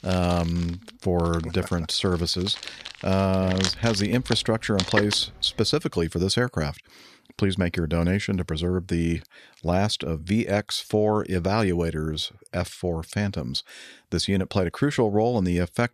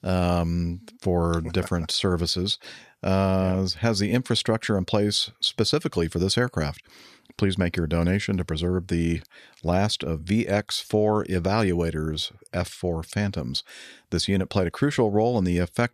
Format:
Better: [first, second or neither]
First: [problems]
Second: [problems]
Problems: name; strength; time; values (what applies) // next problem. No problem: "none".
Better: second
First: household noises; loud; until 6 s; 7 dB below the speech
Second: none